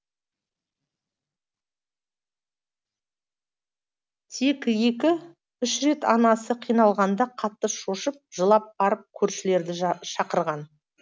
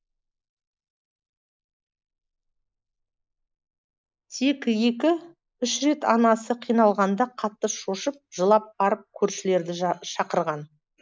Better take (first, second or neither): first